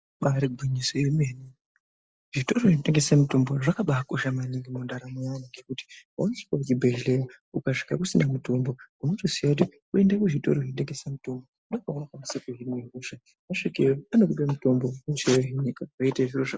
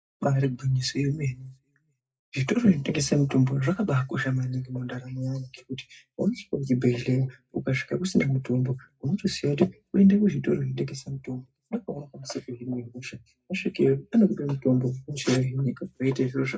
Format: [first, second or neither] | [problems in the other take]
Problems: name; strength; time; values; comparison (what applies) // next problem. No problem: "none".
first | room echo; dies away in 0.2 s